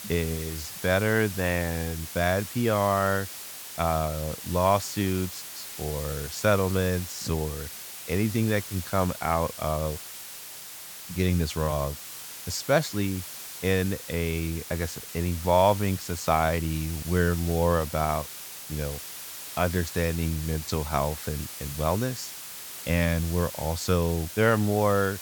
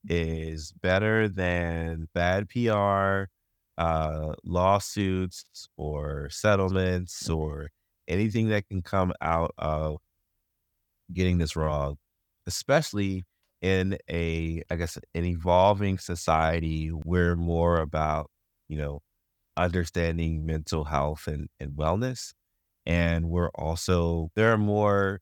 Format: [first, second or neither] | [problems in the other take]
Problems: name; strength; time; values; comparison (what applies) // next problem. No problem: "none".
second | hiss; loud; throughout; 10 dB below the speech